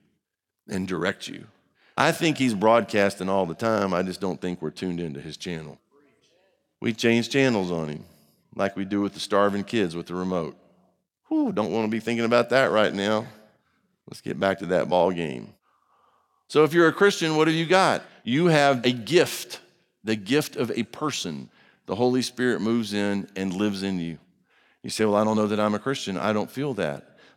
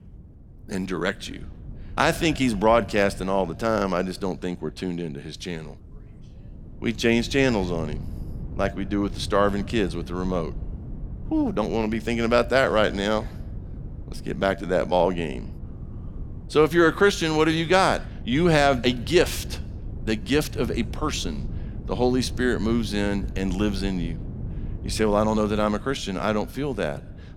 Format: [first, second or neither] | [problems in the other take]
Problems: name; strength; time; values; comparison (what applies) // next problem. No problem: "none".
first | low rumble; faint; throughout; 25 dB below the speech